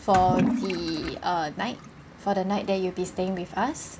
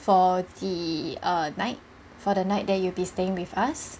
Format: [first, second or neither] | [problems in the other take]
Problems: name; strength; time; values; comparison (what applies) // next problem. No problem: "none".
second | background sound (Toilet flush / Liquid); 6 dB below the speech